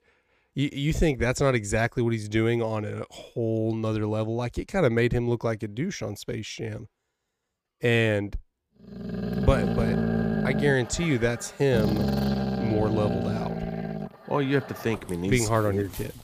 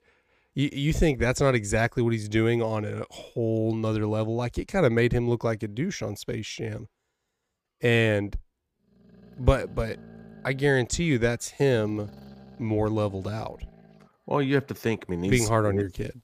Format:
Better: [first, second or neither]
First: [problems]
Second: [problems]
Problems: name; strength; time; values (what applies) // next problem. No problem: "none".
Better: second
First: animal sounds; loud; from 9.5 s on; 2 dB below the speech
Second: animal sounds; faint; from 9.5 s on; 25 dB below the speech